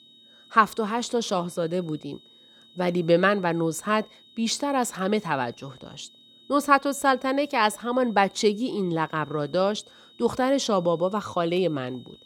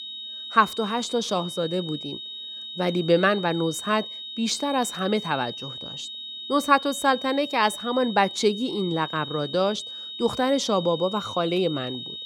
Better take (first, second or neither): first